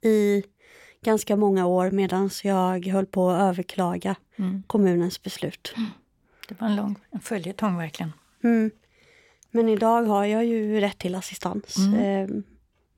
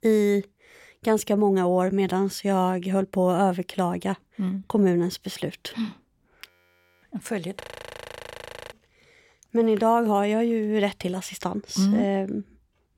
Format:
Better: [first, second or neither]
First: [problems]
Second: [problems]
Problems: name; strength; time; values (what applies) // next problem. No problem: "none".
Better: first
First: none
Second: audio freezing; at 6.5 s for 0.5 s and at 7.5 s for 1 s